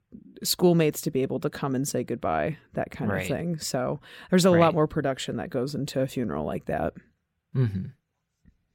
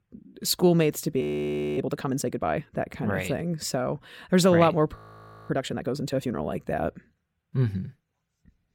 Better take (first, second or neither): first